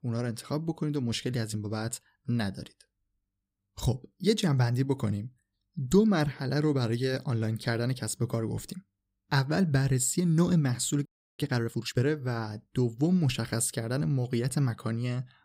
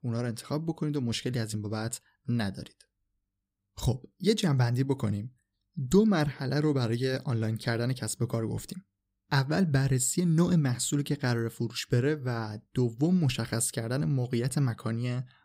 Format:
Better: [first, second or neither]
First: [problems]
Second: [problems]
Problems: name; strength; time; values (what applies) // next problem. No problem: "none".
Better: second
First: audio freezing; at 11 s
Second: none